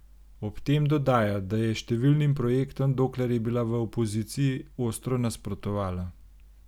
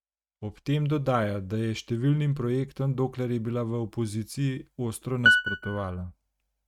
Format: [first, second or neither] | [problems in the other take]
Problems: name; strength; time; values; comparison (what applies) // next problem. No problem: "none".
first | noise reduction (neural mask model RNNoise)